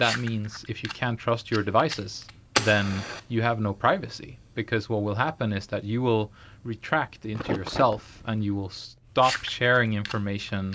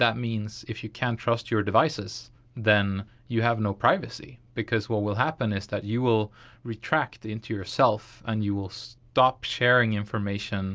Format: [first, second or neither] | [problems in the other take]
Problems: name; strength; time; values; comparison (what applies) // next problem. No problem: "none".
second | background sound (Fire); 11 dB below the speech